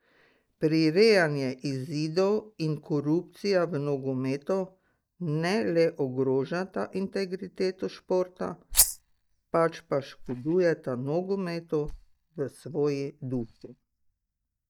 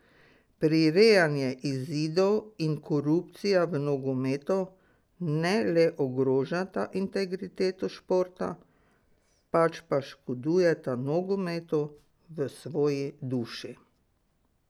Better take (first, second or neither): second